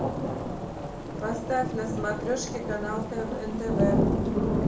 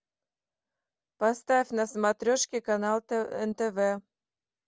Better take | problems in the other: second | background sound (Thunder / Rain); 4 dB above the speech // room echo; dies away in 0.4 s

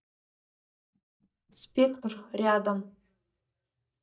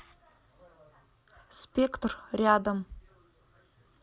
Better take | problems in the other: second | noise reduction (neural mask model DeepFilterNet 3)

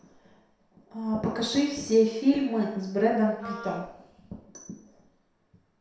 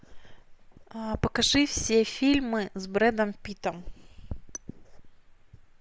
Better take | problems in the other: second | background sound (Wind instrument, woodwind instrument); 14 dB below the speech // room echo; dies away in 0.7 s

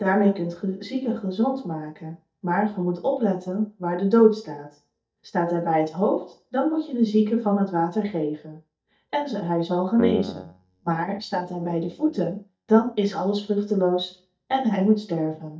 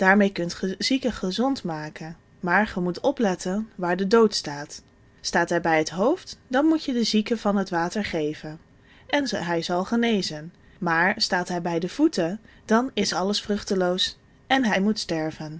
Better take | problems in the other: second | noise reduction (neural mask model DeepFilterNet 3)

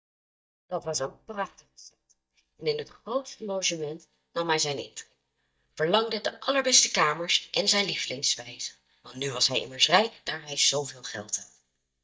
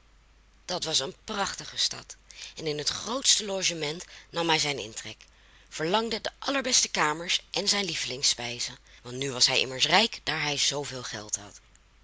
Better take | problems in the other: second | noise reduction (neural mask model DeepFilterNet 3)

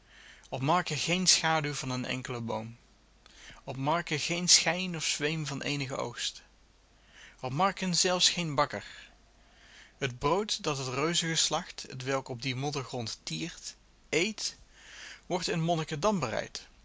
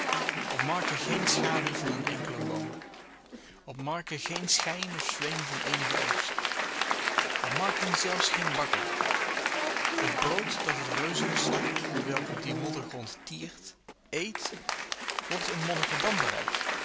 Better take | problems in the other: first | background sound (Applause / Crowd); 4 dB above the speech

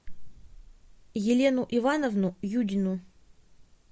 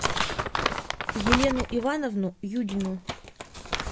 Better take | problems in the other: first | background sound (Crumpling, crinkling); 1 dB below the speech

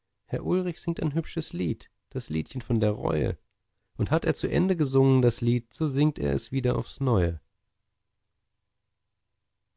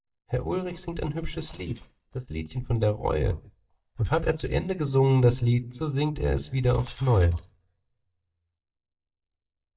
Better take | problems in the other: first | noise reduction (neural mask model DeepFilterNet 3)

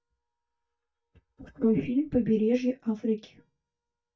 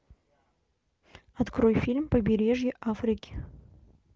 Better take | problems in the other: second | noise reduction (neural mask model DeepFilterNet 3)

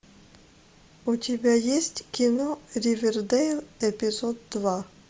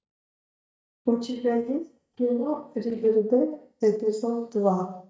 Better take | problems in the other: first | noise reduction (neural mask model DeepFilterNet 3)

